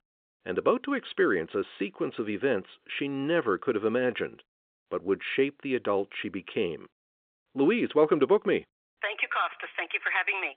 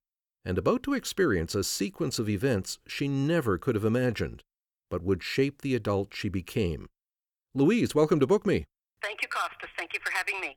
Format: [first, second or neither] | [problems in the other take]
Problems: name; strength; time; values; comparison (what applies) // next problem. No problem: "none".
second | phone-call audio